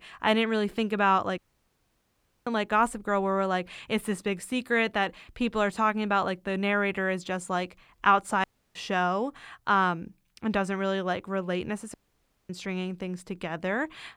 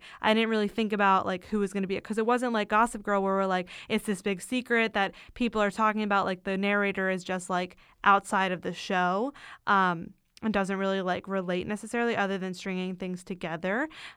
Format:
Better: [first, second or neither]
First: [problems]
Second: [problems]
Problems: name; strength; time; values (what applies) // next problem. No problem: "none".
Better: second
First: audio cutting out; at 1.5 s for 1 s, at 8.5 s and at 12 s for 0.5 s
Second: none